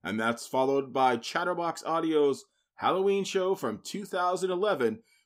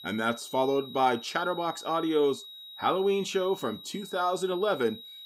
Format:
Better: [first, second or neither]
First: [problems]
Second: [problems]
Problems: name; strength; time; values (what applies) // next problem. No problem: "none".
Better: first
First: none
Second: high-pitched whine; noticeable; throughout; 4 kHz, 15 dB below the speech